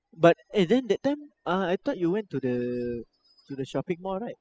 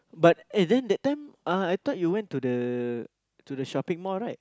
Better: second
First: noise reduction (classical method spectral subtraction)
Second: none

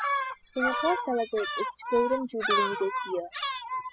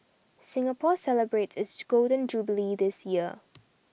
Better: second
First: noise reduction (classical method spectral subtraction)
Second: none

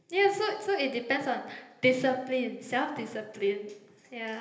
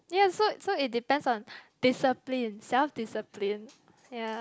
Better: second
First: room echo; dies away in 1.4 s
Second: none

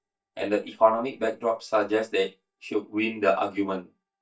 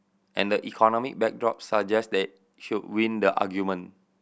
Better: second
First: noise reduction (neural mask model DeepFilterNet 3)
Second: none

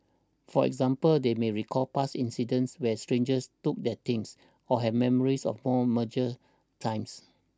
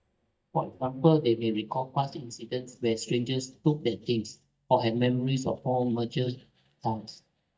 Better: first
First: none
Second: noise reduction (neural mask model DeepFilterNet 3)

